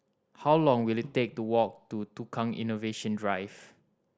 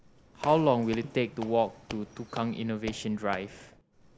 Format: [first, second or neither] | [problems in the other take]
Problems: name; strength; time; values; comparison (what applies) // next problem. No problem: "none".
first | background sound (Squeak / Walk, footsteps); 16 dB below the speech